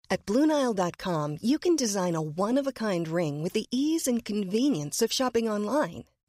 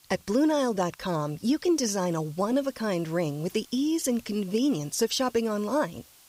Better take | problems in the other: first | hiss; faint; throughout; 25 dB below the speech

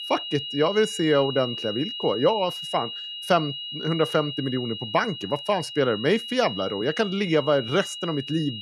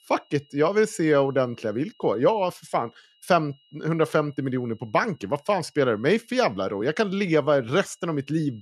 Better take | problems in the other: second | high-pitched whine; loud; throughout; 3 kHz, 7 dB below the speech; faint in the second

